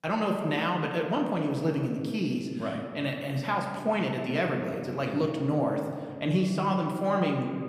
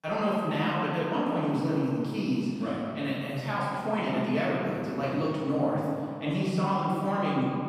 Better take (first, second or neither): first